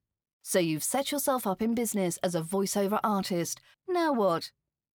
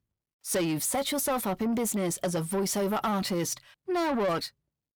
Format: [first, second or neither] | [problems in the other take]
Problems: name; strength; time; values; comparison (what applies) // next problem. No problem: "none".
first | distortion; slight; 10 dB below the speech